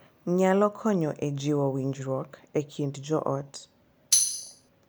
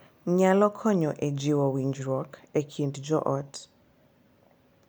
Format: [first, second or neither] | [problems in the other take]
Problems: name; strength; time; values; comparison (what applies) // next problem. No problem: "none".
second | background sound (Tambourine); 3 dB above the speech